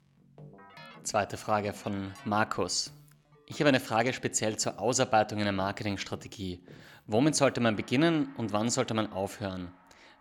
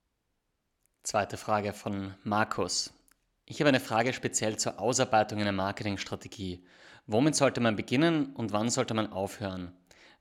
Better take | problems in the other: second | background music; faint; throughout; 25 dB below the speech

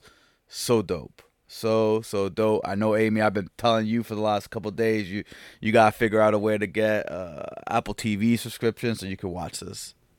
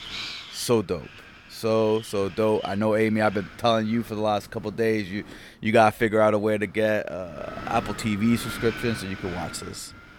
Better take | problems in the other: first | wind noise on the microphone; occasional gusts; 15 dB below the speech

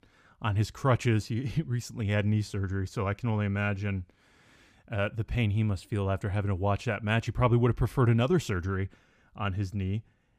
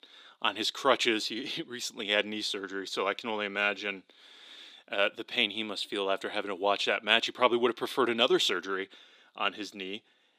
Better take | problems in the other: first | thin; very; fading below 300 Hz

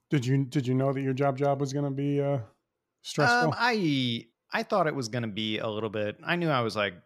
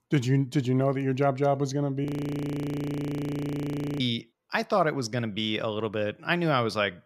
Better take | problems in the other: first | audio freezing; at 2 s for 2 s

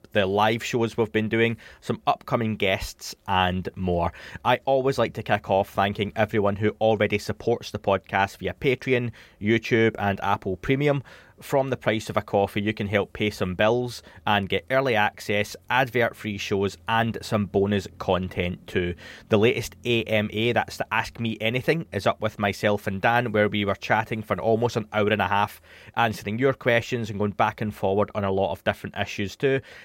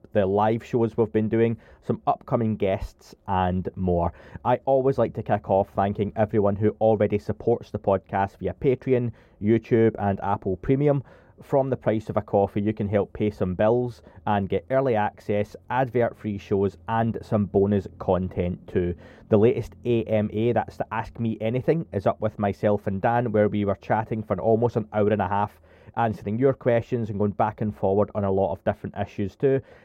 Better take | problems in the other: first | muffled; very; fading above 1.5 kHz

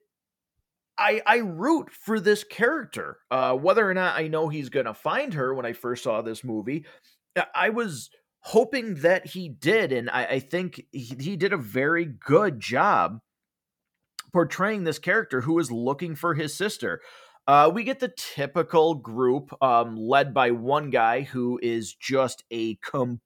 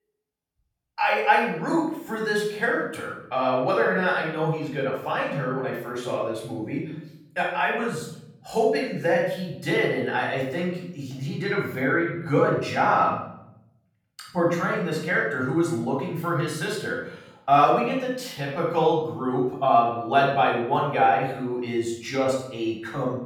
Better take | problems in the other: first | off-mic speech; far // room echo; noticeable; dies away in 0.7 s

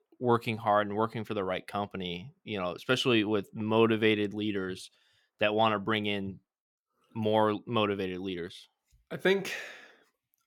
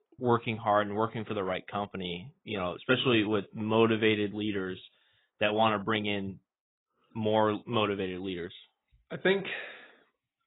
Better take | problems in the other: first | garbled, watery; badly; nothing above 4 kHz

